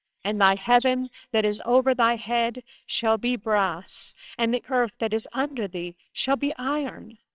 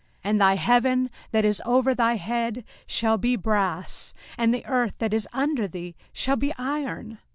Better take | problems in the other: second | noise reduction (neural separator model SepFormer WHAMR!)

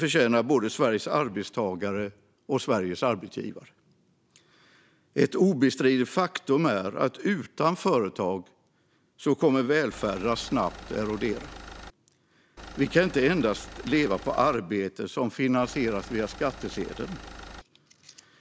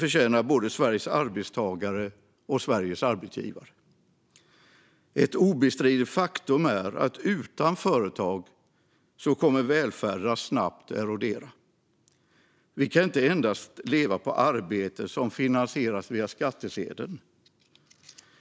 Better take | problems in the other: second | background sound (Engine); 15 dB below the speech

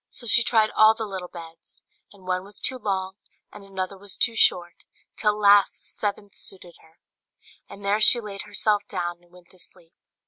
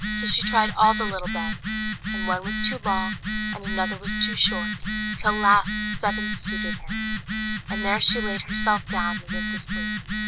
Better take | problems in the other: first | background sound (Telephone); 1 dB below the speech

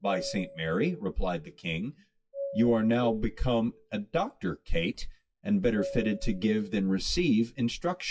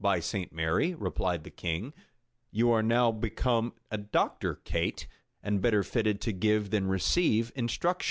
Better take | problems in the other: second | noise reduction (classical method WPE with log-MMSE)

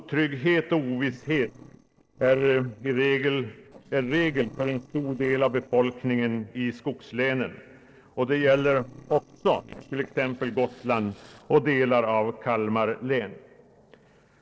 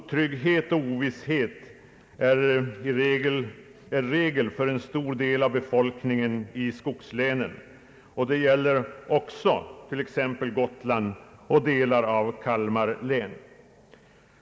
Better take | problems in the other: second | noise reduction (neural separator model SepFormer DNS4)

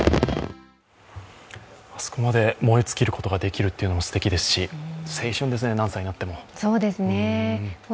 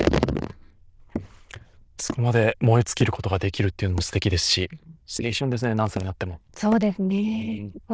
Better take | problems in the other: first | noise reduction (neural diffusion model UNIVERSE++)

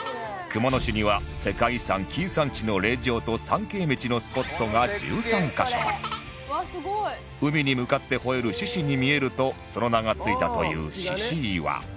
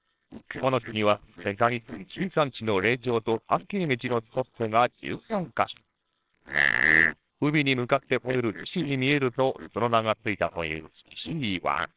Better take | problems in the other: first | noise reduction (neural separator model SepFormer WHAMR!)

